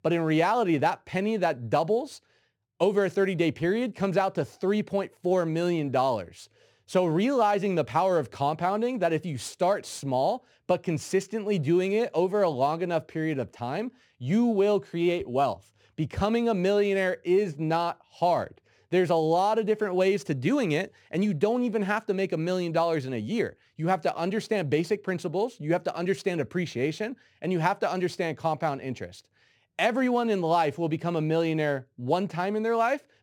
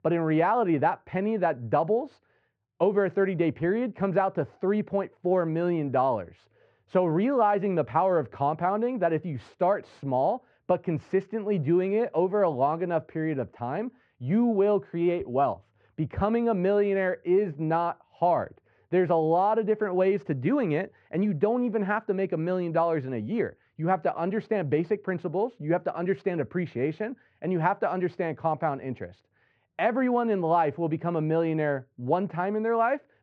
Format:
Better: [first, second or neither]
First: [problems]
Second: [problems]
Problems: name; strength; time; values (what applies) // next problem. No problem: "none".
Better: first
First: none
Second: muffled; very; fading above 1.5 kHz